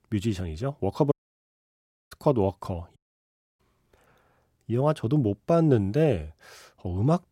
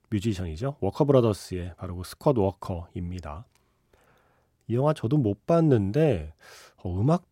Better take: second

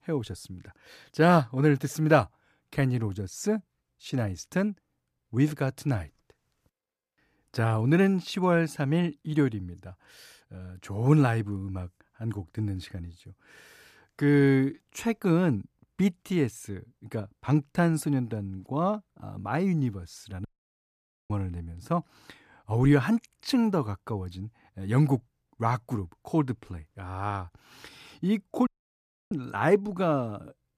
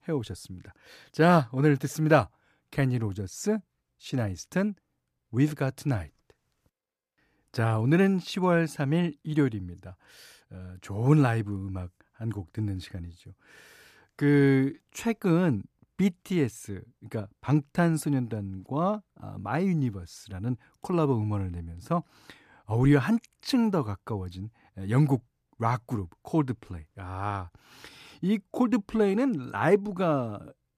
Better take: second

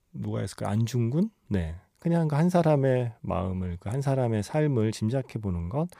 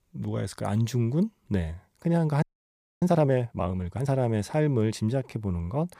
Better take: first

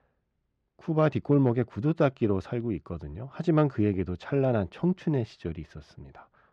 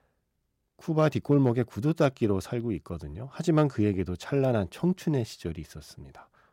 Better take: second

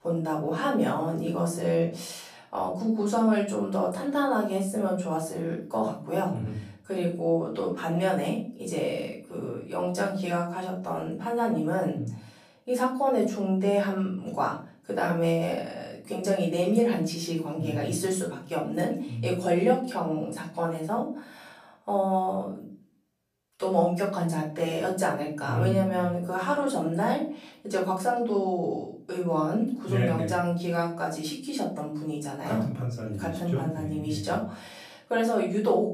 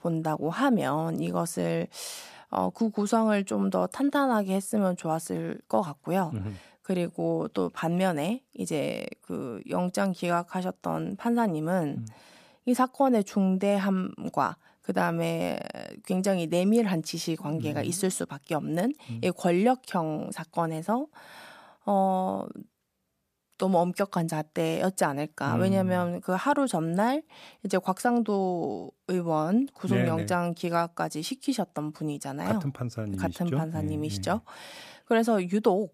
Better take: second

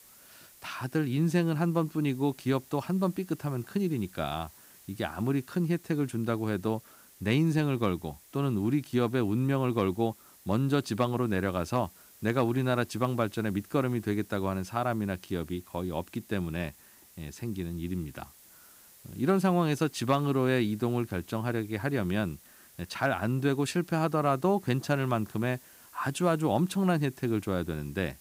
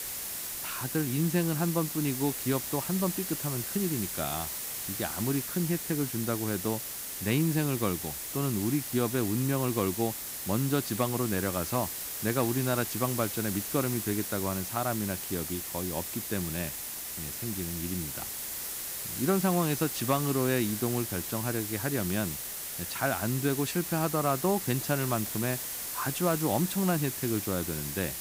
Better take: first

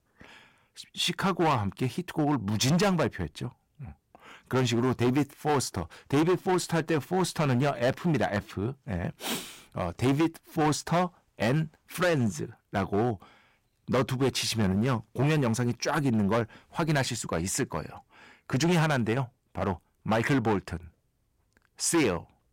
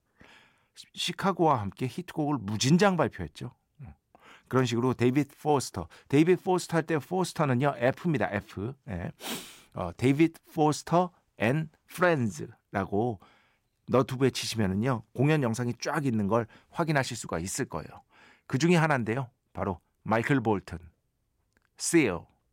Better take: second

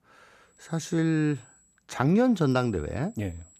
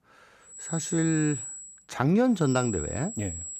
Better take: first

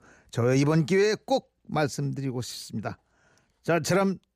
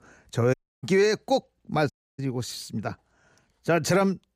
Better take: first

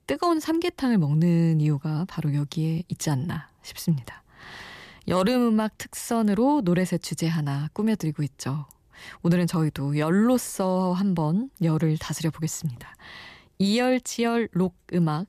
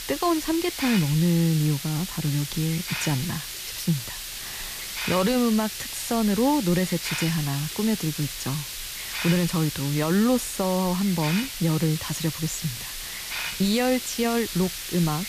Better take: first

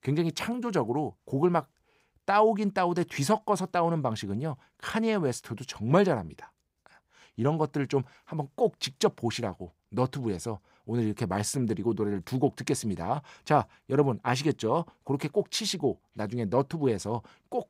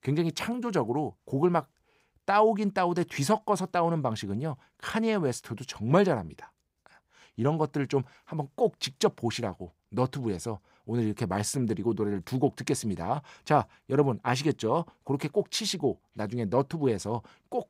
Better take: neither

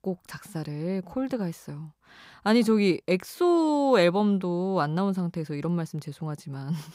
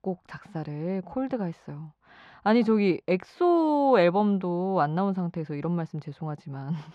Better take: first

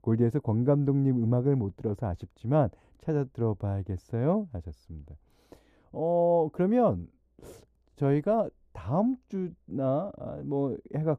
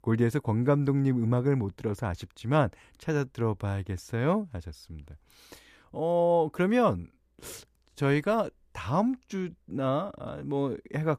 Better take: second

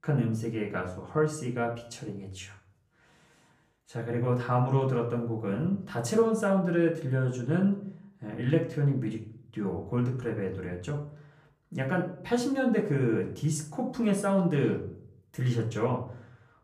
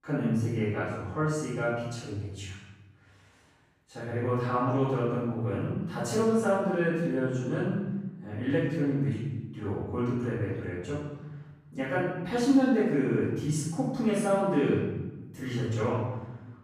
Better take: first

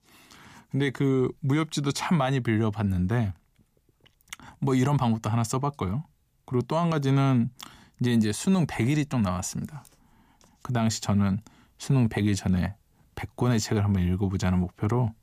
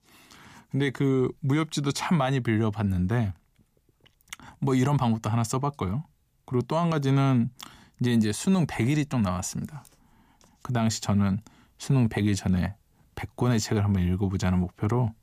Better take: neither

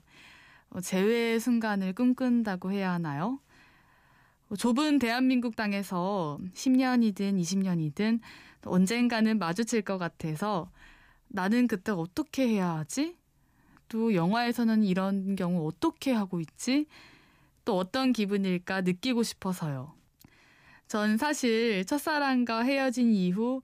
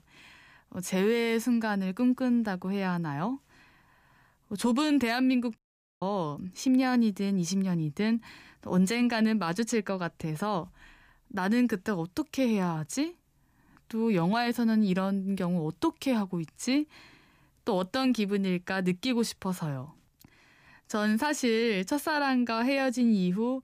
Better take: first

